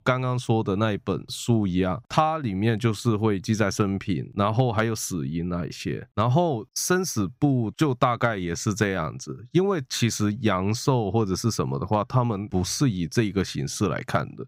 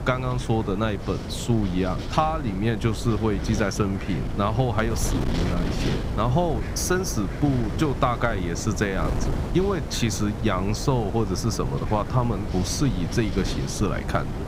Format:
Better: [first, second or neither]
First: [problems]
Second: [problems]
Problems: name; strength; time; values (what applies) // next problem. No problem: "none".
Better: first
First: none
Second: wind noise on the microphone; heavy; 8 dB below the speech